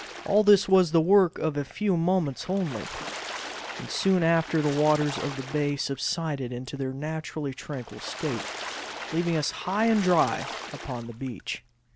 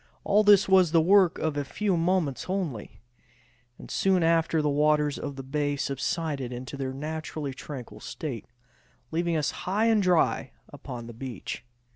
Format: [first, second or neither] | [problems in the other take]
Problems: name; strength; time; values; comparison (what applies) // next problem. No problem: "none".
second | background sound (Water / Splash, splatter); 13 dB below the speech